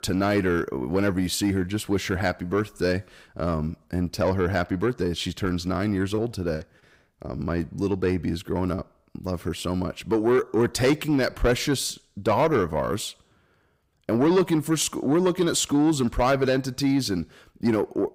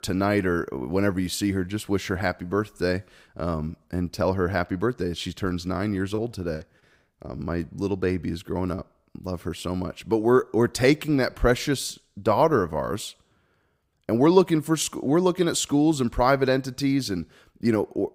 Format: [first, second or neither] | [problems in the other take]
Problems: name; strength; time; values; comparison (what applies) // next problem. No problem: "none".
second | distortion; slight; 10 dB below the speech